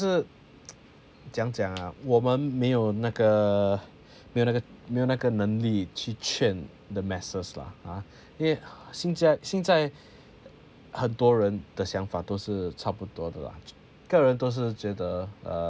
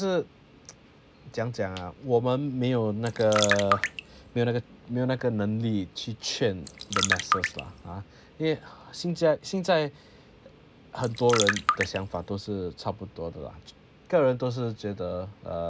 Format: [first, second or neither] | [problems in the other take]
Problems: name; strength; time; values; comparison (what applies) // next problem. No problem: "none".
first | background sound (Trickle, dribble); 1 dB below the speech